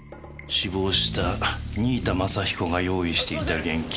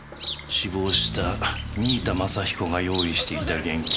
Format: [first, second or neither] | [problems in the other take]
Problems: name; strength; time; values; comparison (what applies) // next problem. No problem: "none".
first | background sound (Chirp, tweet); 9 dB below the speech